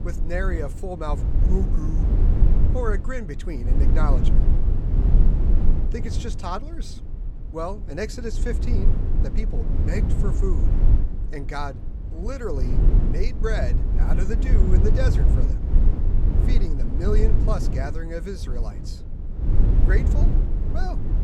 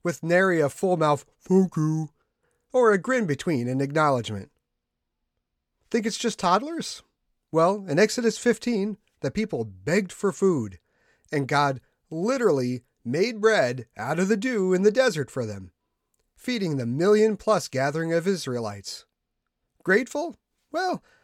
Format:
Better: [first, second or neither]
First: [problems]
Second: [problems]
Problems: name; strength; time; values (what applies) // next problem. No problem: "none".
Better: second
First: low rumble; loud; throughout; 5 dB below the speech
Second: none